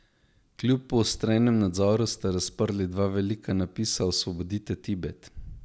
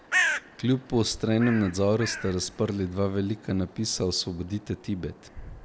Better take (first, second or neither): first